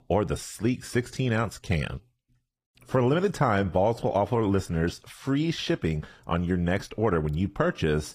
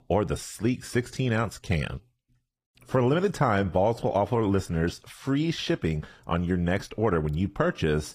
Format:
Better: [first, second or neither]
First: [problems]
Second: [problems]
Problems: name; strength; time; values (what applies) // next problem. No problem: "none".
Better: neither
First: garbled, watery; slightly; nothing above 14.5 kHz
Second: garbled, watery; slightly; nothing above 14.5 kHz